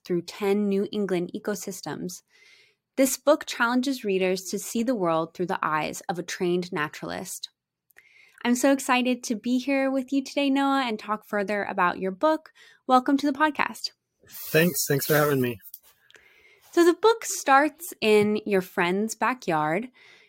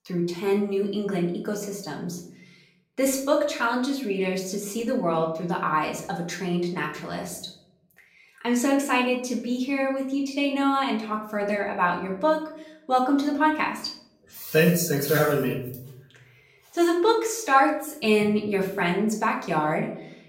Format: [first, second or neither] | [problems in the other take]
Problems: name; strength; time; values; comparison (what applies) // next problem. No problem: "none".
first | room echo; slight; dies away in 0.6 s // off-mic speech; far